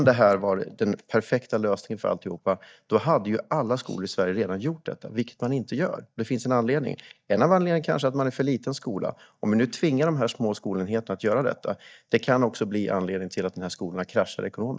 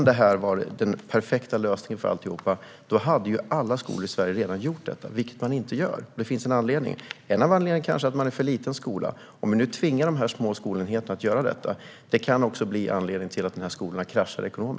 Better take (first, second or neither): second